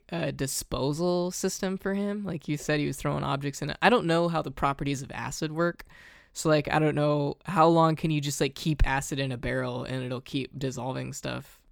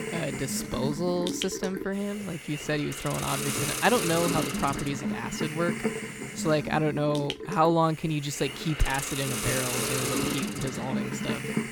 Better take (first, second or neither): first